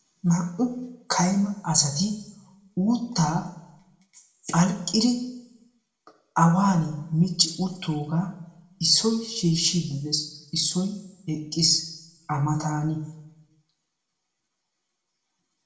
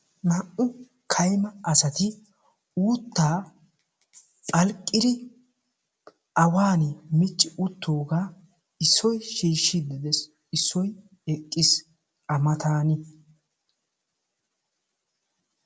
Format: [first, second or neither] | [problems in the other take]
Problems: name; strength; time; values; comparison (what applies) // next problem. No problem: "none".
second | room echo; dies away in 0.7 s